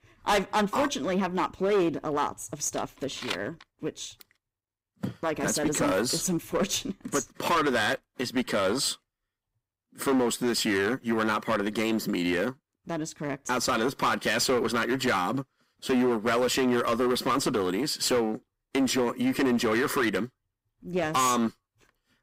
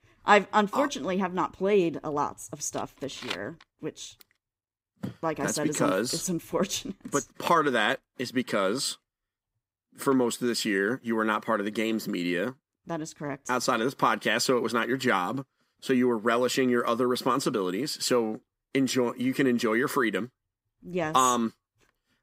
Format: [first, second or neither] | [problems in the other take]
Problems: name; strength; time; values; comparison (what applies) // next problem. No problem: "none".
second | distortion; heavy; 9% of the sound clipped